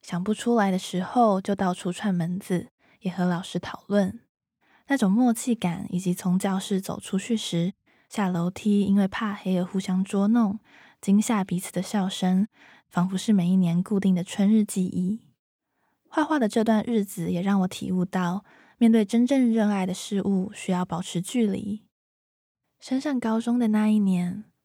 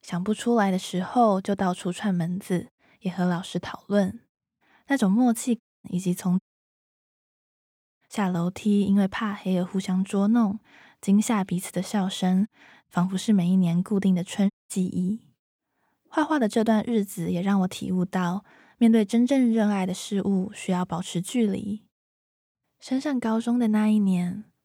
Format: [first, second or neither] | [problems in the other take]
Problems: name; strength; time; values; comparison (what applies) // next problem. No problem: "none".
first | audio cutting out; at 5.5 s, at 6.5 s for 1.5 s and at 15 s